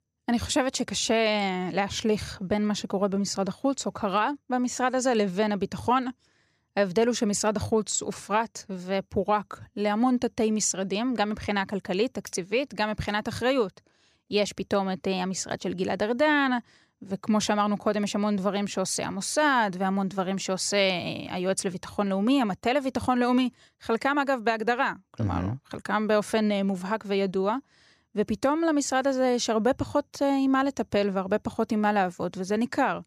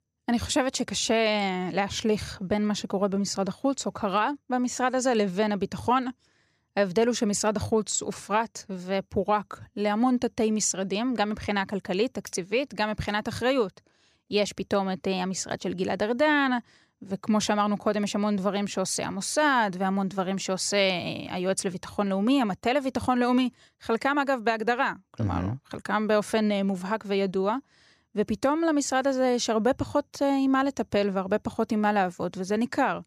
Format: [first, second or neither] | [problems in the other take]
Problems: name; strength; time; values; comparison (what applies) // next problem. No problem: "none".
neither | none